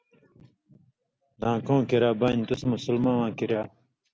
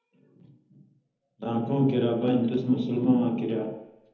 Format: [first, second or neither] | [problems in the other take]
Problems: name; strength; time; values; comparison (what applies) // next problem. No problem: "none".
first | room echo; dies away in 0.9 s